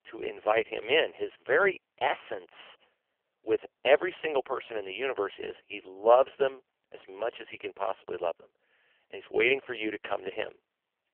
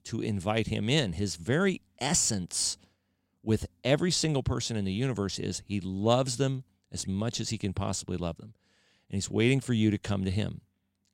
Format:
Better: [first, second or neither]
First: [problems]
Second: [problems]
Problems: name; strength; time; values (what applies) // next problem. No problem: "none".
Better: second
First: phone-call audio; poor line; nothing above 3 kHz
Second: none